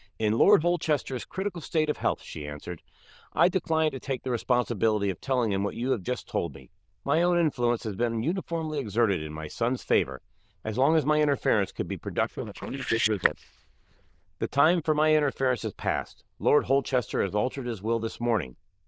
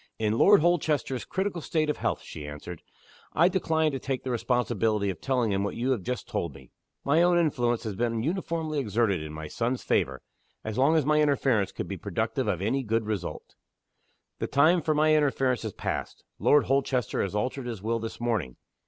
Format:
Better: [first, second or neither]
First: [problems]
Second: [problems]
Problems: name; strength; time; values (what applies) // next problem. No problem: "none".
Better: second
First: noise reduction (neural diffusion model UNIVERSE++)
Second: none